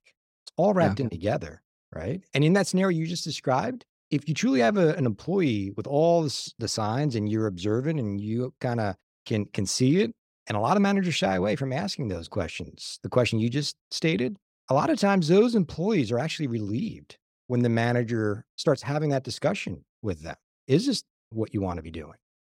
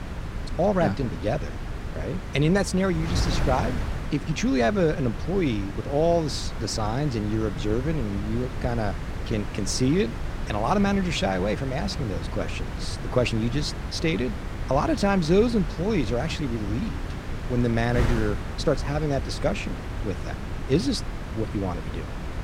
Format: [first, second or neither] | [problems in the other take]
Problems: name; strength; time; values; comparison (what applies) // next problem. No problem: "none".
first | wind noise on the microphone; heavy; 10 dB below the speech